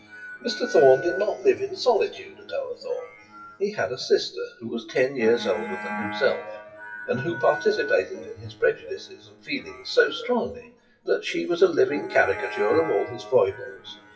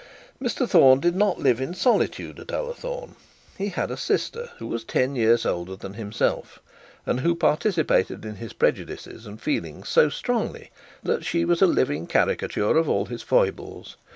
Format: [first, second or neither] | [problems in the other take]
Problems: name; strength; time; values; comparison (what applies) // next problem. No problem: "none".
second | noise reduction (classical method WPE with log-MMSE)